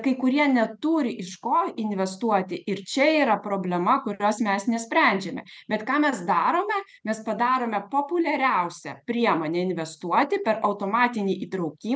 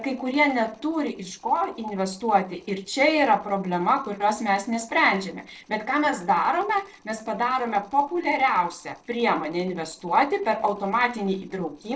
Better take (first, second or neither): first